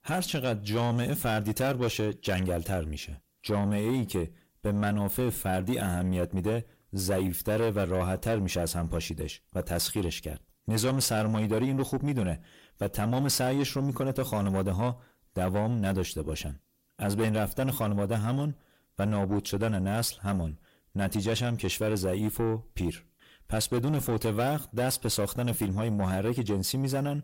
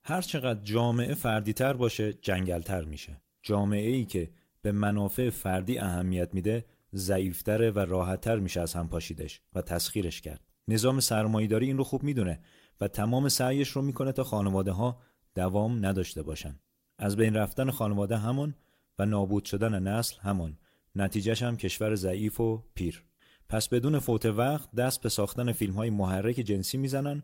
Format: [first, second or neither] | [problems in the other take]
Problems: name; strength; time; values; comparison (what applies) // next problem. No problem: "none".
second | distortion; slight; 10 dB below the speech